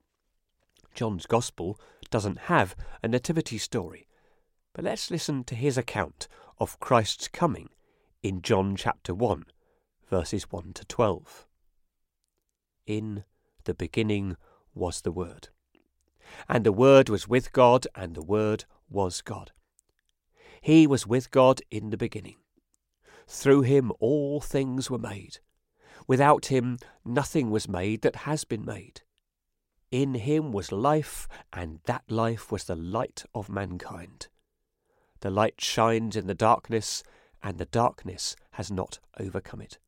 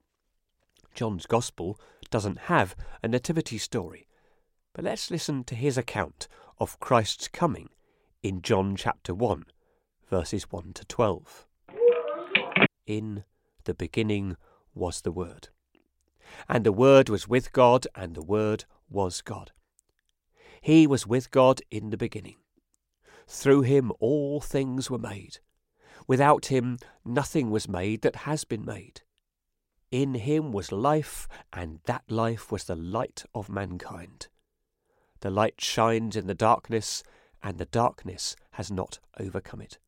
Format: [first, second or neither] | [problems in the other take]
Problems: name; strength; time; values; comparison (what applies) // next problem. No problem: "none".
first | phone ringing; loud; at 12 s; peak 6 dB above the speech